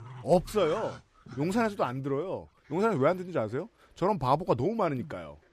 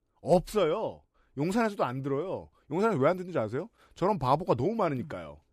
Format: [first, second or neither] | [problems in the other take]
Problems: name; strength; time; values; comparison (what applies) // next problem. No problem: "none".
second | animal sounds; noticeable; throughout; 20 dB below the speech